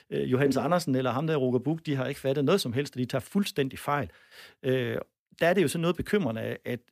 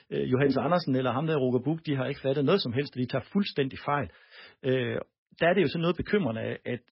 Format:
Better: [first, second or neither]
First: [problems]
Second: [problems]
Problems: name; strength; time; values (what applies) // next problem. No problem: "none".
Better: first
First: none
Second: garbled, watery; badly; nothing above 5 kHz